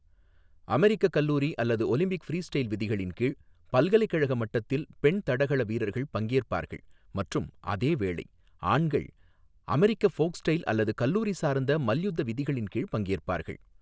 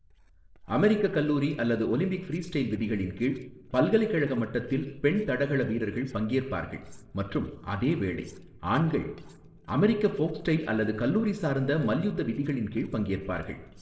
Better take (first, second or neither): first